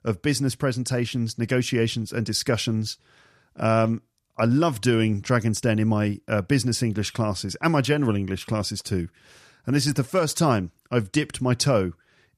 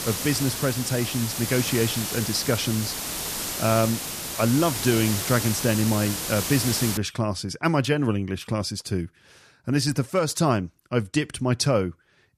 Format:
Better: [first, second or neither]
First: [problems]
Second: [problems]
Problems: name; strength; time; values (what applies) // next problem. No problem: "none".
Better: first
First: none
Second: hiss; loud; until 7 s; 3 dB below the speech